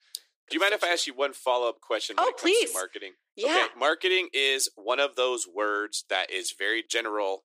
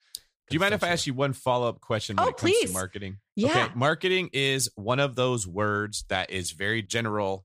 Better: second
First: thin; very; fading below 300 Hz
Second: none

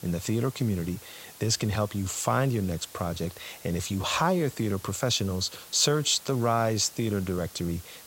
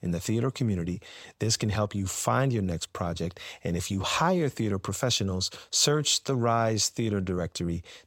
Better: second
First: hiss; noticeable; throughout; 20 dB below the speech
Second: none

